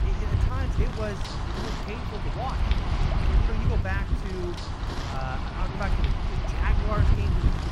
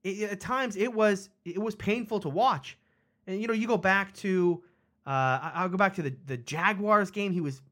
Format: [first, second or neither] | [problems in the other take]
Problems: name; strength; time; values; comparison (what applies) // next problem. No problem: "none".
second | wind noise on the microphone; heavy; as loud as the speech